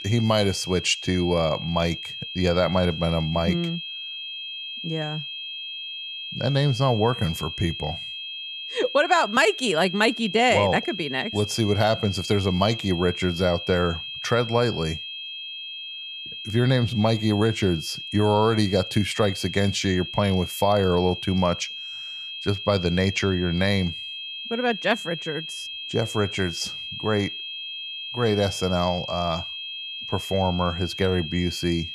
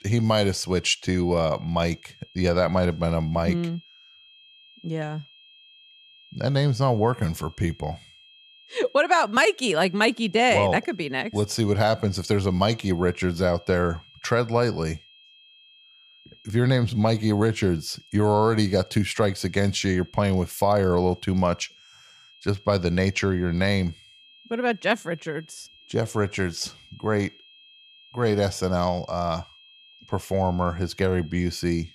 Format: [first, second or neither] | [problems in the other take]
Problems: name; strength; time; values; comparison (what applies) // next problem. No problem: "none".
second | high-pitched whine; loud; throughout; 3 kHz, 8 dB below the speech; faint in the second